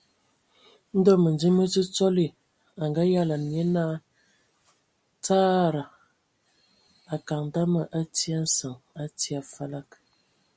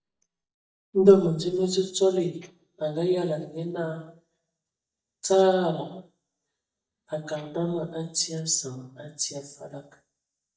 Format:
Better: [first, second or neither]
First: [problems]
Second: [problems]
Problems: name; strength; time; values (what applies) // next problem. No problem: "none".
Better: first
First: none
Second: noise reduction (neural mask model DeepFilterNet 3)